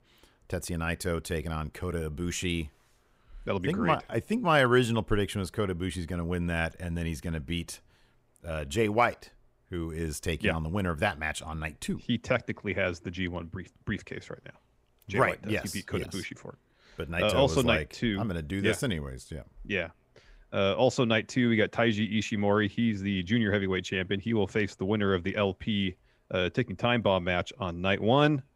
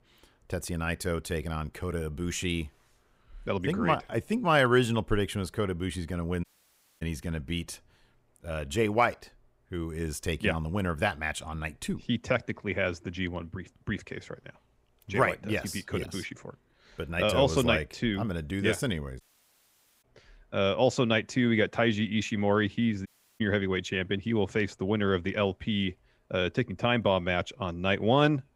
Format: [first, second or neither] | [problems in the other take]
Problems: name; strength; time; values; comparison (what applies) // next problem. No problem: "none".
first | audio cutting out; at 6.5 s for 0.5 s, at 19 s for 1 s and at 23 s